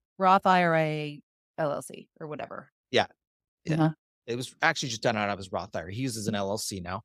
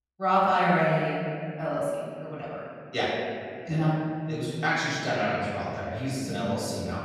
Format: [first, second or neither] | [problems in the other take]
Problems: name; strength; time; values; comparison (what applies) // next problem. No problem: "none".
first | room echo; strong; dies away in 2.4 s // off-mic speech; far